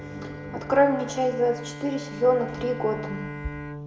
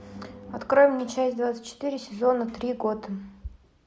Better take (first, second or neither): second